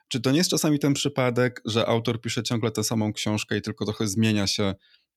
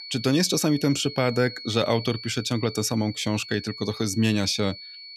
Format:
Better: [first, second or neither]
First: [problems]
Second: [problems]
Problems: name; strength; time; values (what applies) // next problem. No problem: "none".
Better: first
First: none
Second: high-pitched whine; noticeable; throughout; 4.5 kHz, 15 dB below the speech